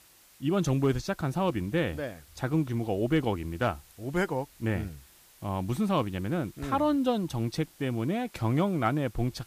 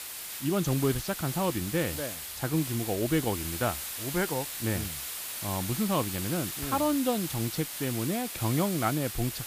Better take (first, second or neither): first